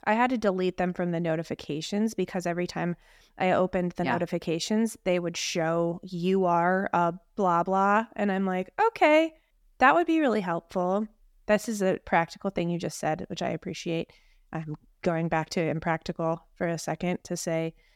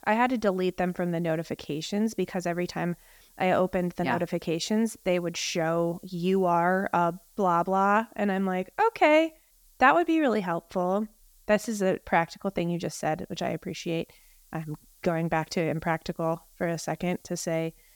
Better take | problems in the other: first | hiss; faint; throughout; 30 dB below the speech

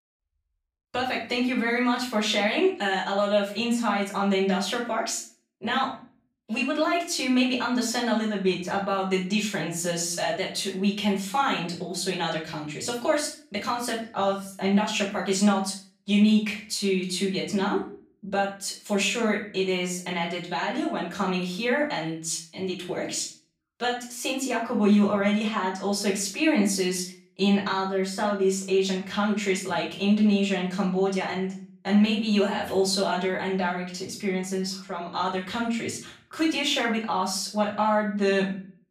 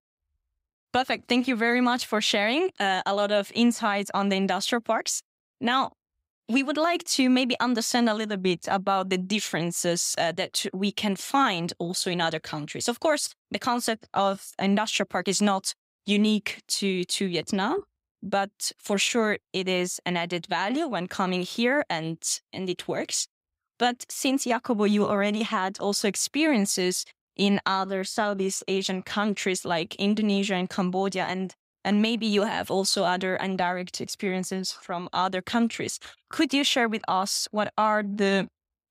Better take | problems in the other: second | off-mic speech; far // room echo; slight; dies away in 0.4 s

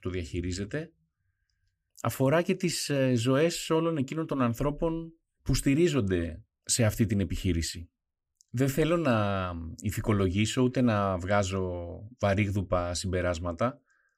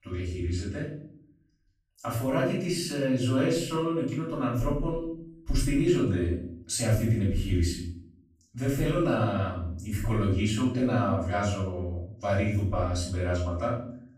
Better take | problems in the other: first | room echo; noticeable; dies away in 0.6 s // off-mic speech; far

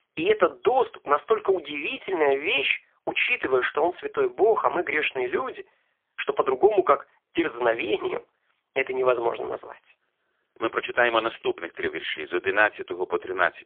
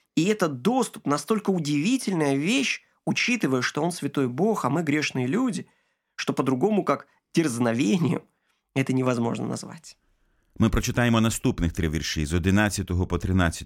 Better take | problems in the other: second | phone-call audio; poor line; nothing above 3.5 kHz

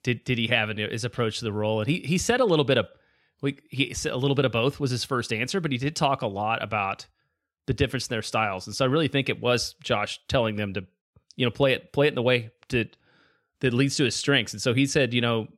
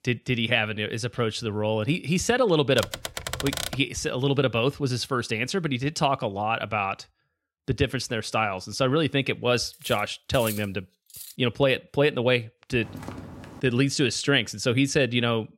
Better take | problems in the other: first | keyboard typing; noticeable; at 3 s; peak 4 dB below the speech // clattering dishes; noticeable; from 9.5 to 11 s; peak 10 dB below the speech // footsteps; faint; at 13 s; peak 15 dB below the speech

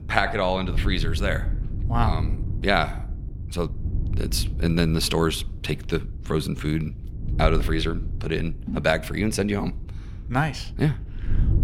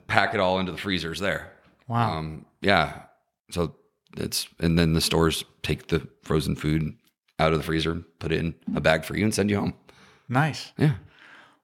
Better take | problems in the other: second | wind noise on the microphone; occasional gusts; 20 dB below the speech

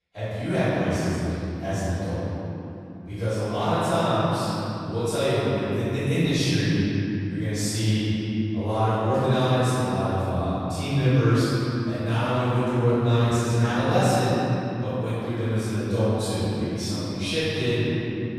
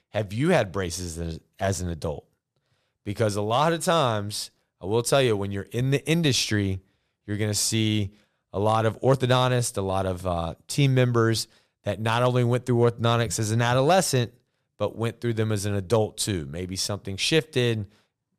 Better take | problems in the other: second | off-mic speech; far // room echo; strong; dies away in 3 s

